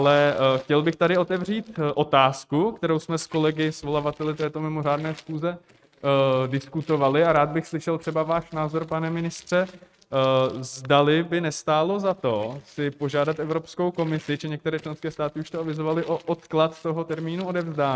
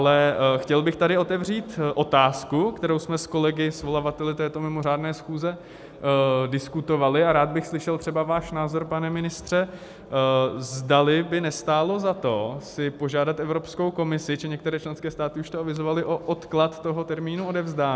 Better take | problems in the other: second | noise reduction (neural mask model RNNoise)

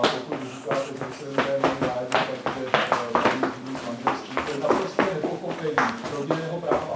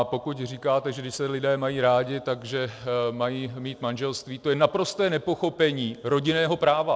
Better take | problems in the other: second | background sound (Run); 4 dB above the speech // room echo; dies away in 0.6 s

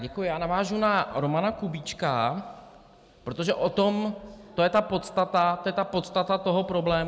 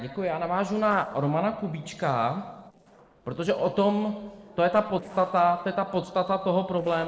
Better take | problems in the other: first | noise reduction (neural separator model SepFormer DNS4)

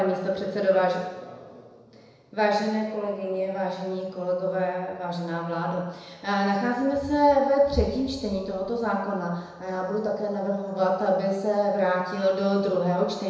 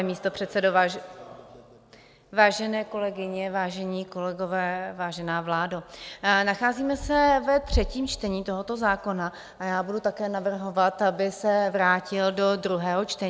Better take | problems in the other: second | room echo; dies away in 1 s

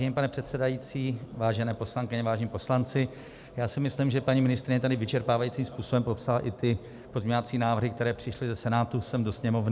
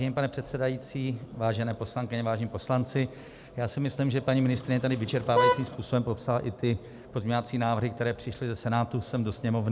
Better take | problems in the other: first | background sound (Vehicle horn, car horn, honking); 1 dB above the speech

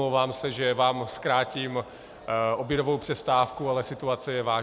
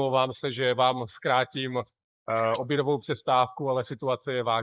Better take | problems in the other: first | noise reduction (neural mask model Resemble Enhance denoiser)

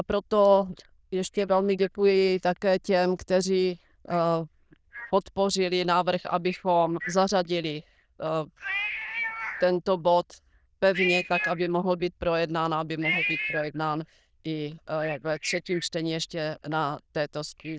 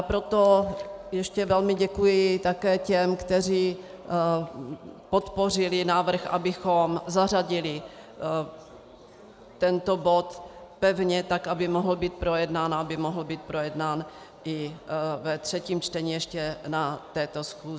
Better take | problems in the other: second | noise reduction (neural diffusion model UNIVERSE++)

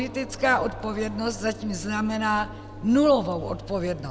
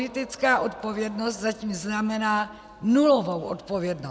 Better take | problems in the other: second | background sound (Engine); 14 dB below the speech

